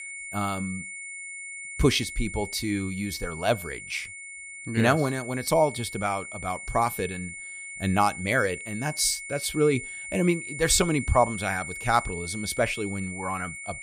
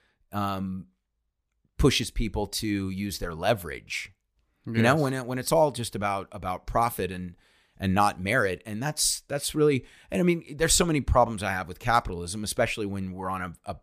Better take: second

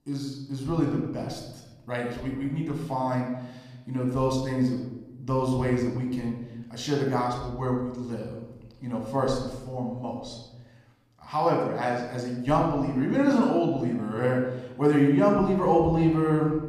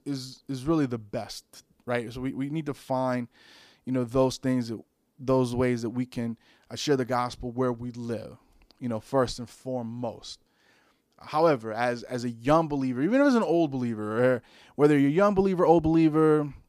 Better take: second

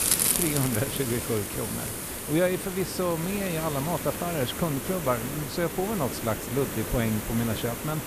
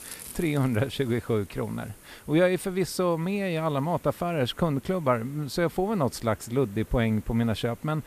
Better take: second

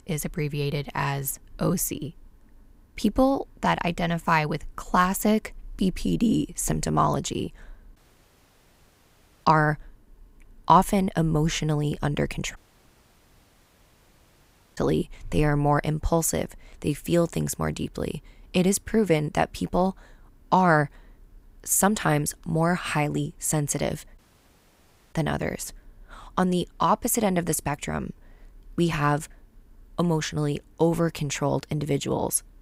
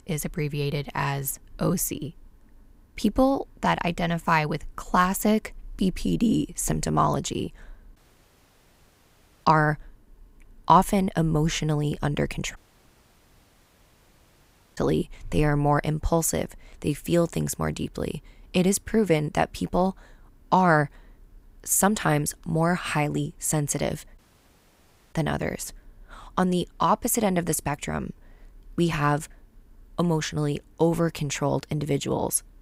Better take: neither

